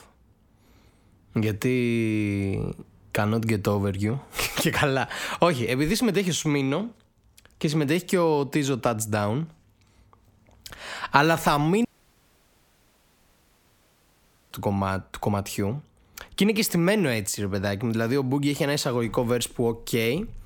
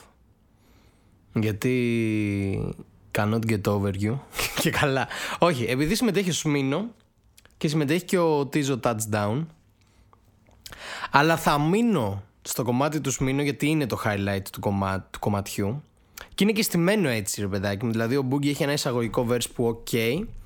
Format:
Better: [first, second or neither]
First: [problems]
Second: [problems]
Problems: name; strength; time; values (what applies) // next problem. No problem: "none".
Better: second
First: audio cutting out; at 12 s for 2.5 s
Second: none